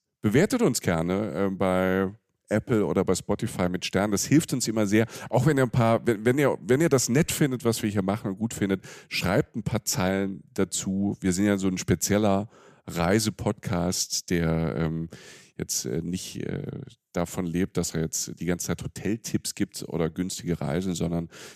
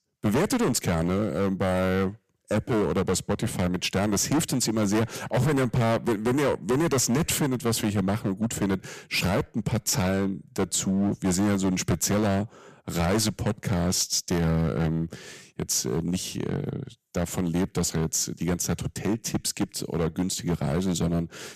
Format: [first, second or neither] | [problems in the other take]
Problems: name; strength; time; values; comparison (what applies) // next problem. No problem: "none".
first | distortion; heavy; 13% of the sound clipped